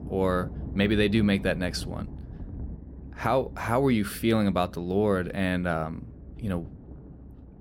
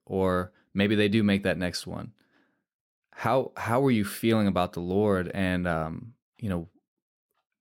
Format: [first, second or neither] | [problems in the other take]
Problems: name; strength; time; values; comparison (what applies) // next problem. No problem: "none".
second | low rumble; faint; throughout; 20 dB below the speech